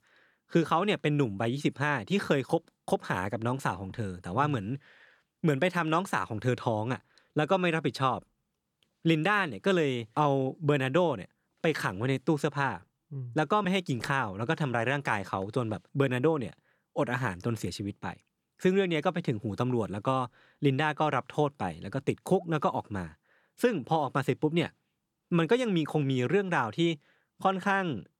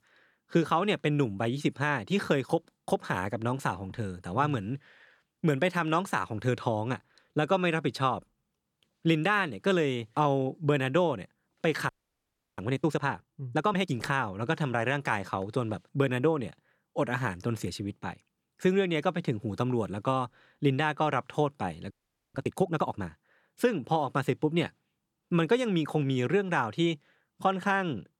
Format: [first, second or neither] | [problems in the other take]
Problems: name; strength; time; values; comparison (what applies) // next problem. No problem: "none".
first | audio freezing; at 12 s for 0.5 s and at 22 s